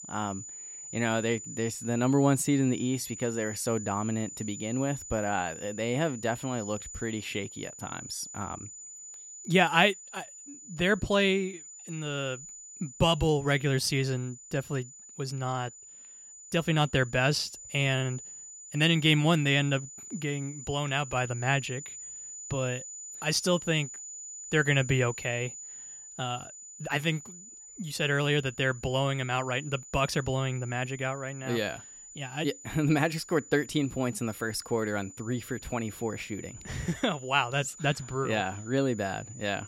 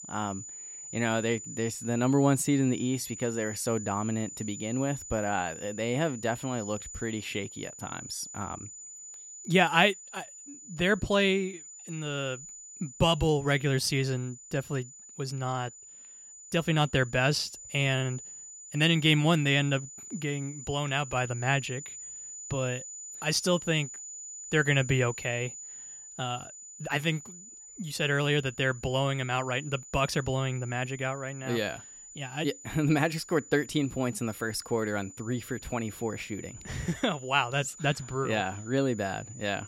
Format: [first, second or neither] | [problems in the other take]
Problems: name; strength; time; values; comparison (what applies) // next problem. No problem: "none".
neither | high-pitched whine; noticeable; throughout; 7 kHz, 15 dB below the speech; the same in both